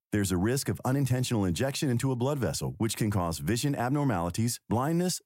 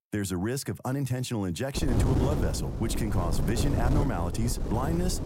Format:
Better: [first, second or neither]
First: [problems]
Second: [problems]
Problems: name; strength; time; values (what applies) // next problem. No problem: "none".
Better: first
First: none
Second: wind noise on the microphone; heavy; from 2 s on; 3 dB below the speech